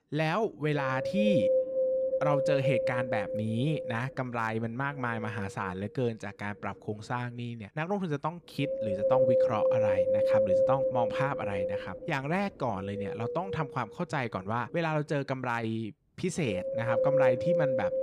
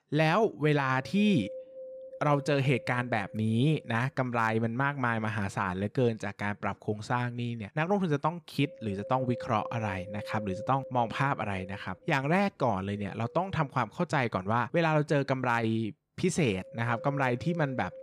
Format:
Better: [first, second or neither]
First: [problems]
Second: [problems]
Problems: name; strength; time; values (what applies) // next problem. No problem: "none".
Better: second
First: wind noise on the microphone; heavy; 5 dB above the speech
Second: wind noise on the microphone; occasional gusts; 15 dB below the speech